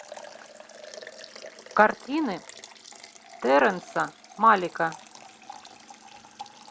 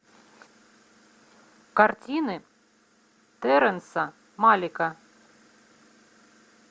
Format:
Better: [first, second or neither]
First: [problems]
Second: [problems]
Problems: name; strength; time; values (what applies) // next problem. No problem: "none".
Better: second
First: background sound (Liquid); 18 dB below the speech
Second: none